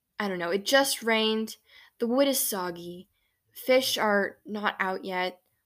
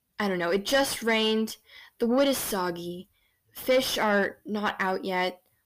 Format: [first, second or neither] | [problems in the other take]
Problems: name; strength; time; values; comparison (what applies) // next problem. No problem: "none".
first | distortion; slight; 9 dB below the speech